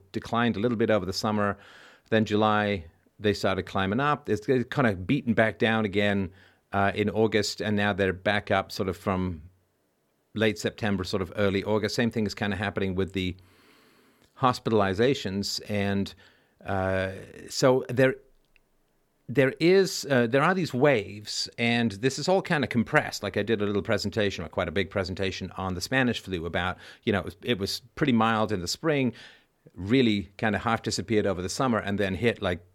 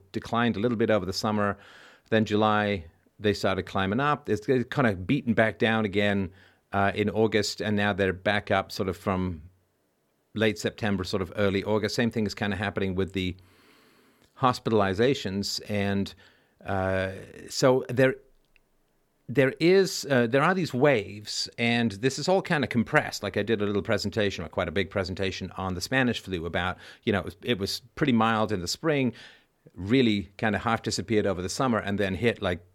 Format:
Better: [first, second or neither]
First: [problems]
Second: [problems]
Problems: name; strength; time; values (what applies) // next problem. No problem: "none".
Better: neither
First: none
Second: none